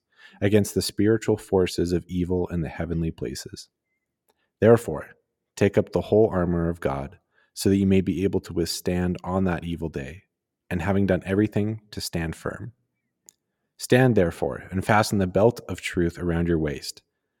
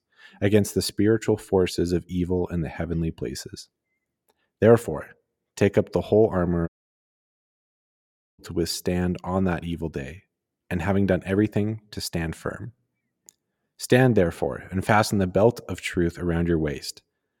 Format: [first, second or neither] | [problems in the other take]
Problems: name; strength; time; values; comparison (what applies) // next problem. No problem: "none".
first | audio cutting out; at 6.5 s for 1.5 s